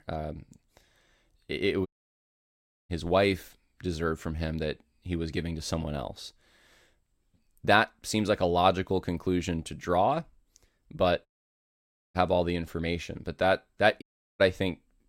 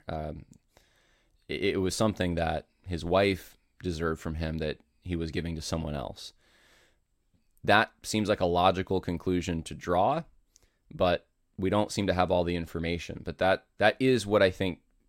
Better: second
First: audio cutting out; at 2 s for 1 s, at 11 s for 1 s and at 14 s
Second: none

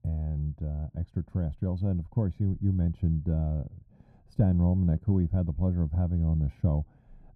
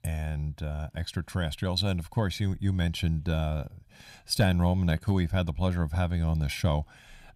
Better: second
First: muffled; very; fading above 1 kHz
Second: none

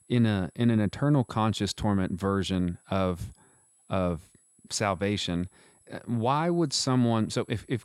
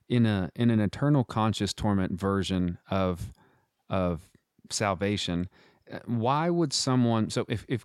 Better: second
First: high-pitched whine; faint; throughout; 10.5 kHz, 35 dB below the speech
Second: none

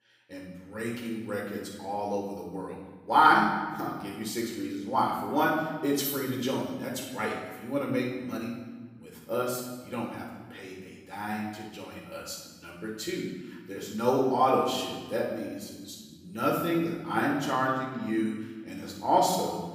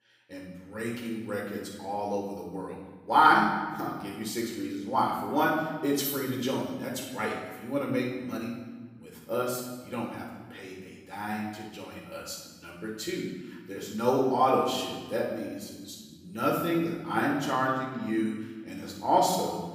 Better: neither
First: off-mic speech; far // room echo; noticeable; dies away in 1.2 s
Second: off-mic speech; far // room echo; noticeable; dies away in 1.2 s

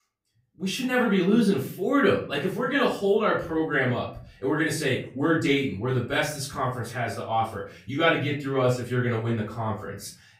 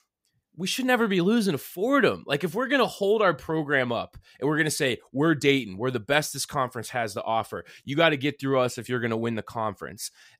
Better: second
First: off-mic speech; far // room echo; slight; dies away in 0.4 s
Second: none

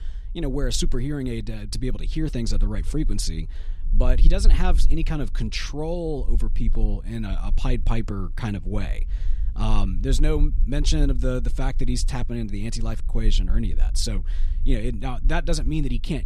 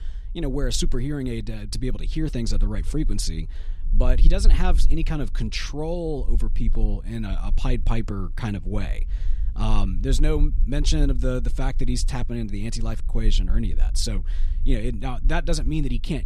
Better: neither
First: low rumble; faint; throughout; 20 dB below the speech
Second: low rumble; faint; throughout; 20 dB below the speech

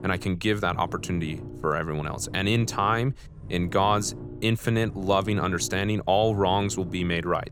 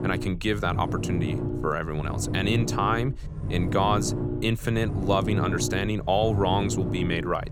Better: first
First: low rumble; faint; throughout; 20 dB below the speech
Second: low rumble; loud; throughout; 9 dB below the speech

